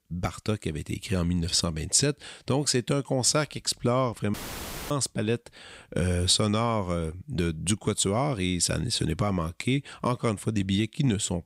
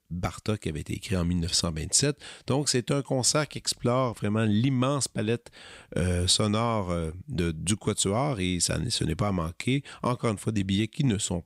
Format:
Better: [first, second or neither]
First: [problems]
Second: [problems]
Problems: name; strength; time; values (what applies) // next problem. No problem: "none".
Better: second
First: audio cutting out; filled with static; at 4.5 s for 0.5 s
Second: none